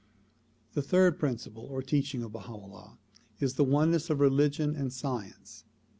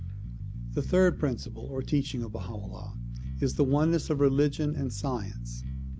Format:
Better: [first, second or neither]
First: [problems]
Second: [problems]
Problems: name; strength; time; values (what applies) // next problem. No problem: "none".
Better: first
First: none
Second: background sound (Bass guitar); 7 dB below the speech